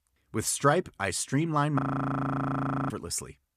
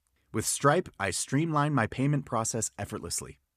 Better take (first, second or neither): second